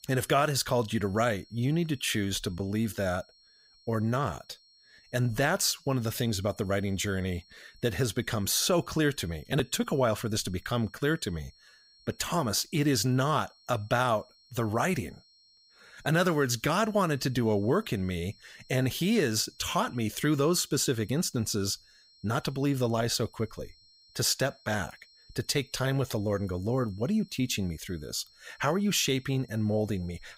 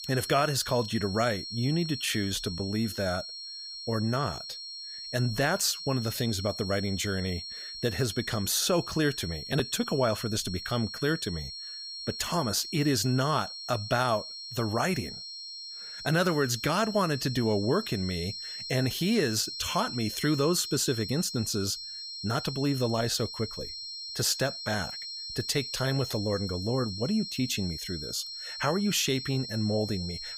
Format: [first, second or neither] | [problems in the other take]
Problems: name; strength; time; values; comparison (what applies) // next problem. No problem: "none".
first | high-pitched whine; loud; throughout; 4 kHz, 8 dB below the speech; faint in the first